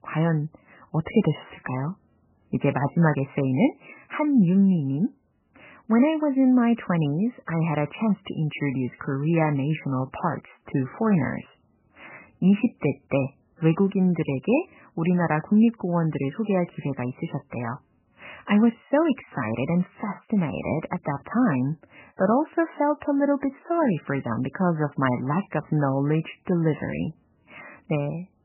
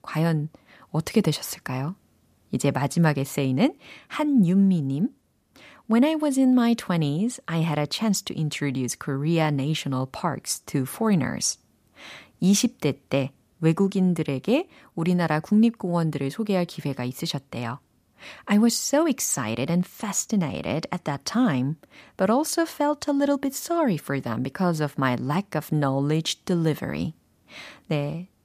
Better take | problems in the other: second | garbled, watery; badly; nothing above 3 kHz

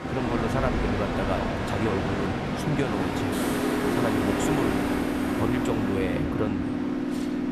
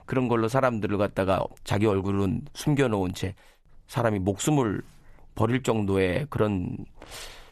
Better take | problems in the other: second | train or aircraft noise; very loud; throughout; 4 dB above the speech

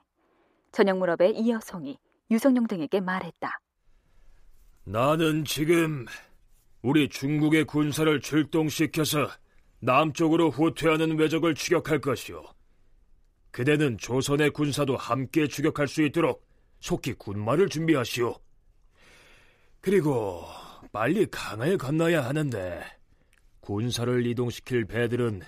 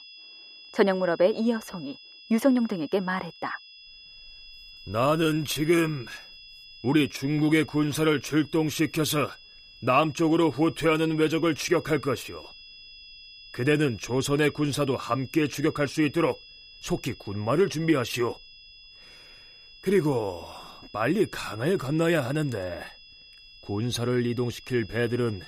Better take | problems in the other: first | high-pitched whine; faint; throughout; 5 kHz, 20 dB below the speech

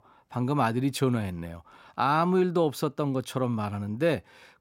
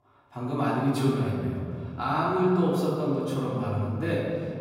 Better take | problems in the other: first | off-mic speech; far // room echo; strong; dies away in 2.1 s

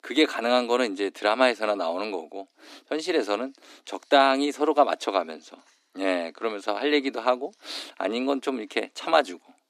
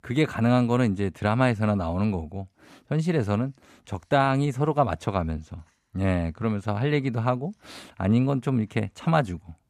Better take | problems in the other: second | thin; somewhat; fading below 300 Hz

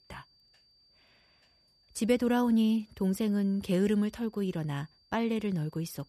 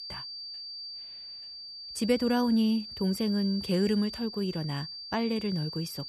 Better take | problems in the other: first | high-pitched whine; loud; throughout; 4.5 kHz, 9 dB below the speech; faint in the first

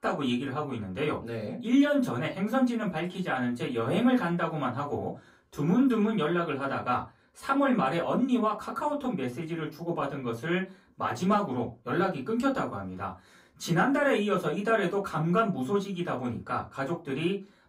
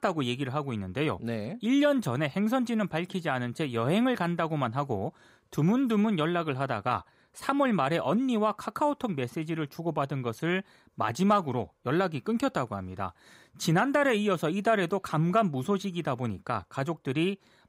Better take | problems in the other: second | off-mic speech; far // room echo; very slight; dies away in 0.2 s

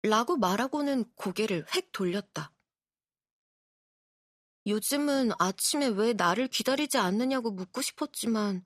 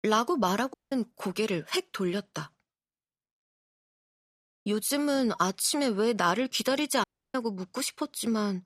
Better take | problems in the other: first | audio cutting out; at 0.5 s and at 7 s

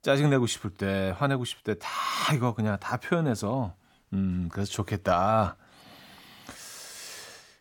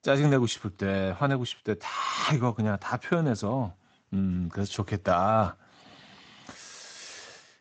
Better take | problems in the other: first | garbled, watery; slightly; nothing above 8 kHz

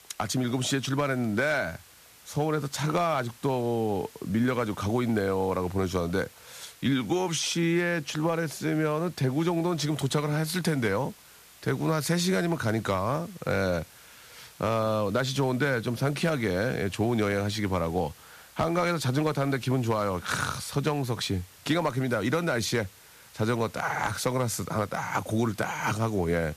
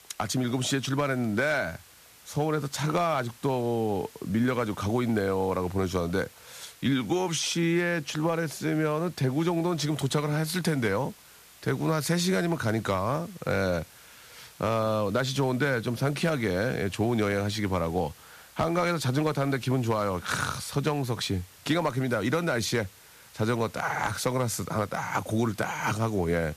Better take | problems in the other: neither | hiss; faint; throughout; 25 dB below the speech; the same in both

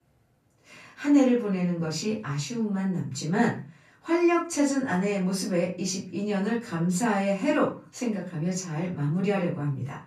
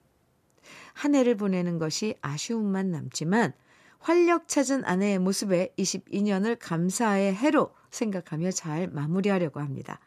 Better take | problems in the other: second | off-mic speech; far // room echo; slight; dies away in 0.3 s

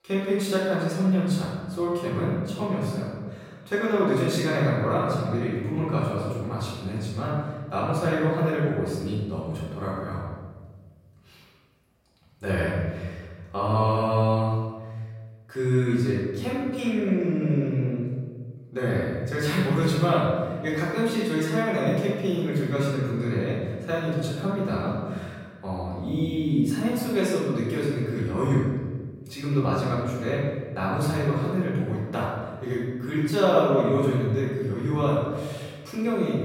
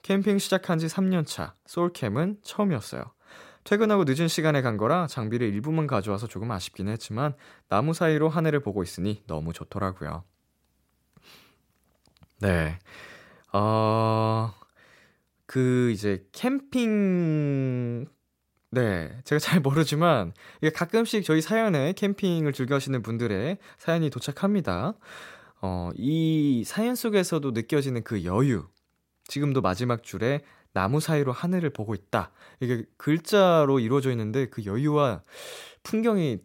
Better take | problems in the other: second | room echo; strong; dies away in 1.4 s // off-mic speech; far

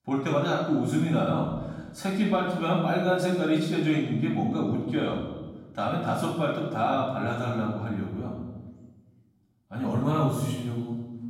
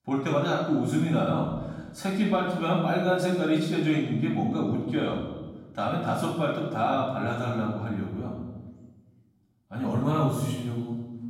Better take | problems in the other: neither | off-mic speech; far; the same in both // room echo; noticeable; dies away in 1.1 s; the same in both

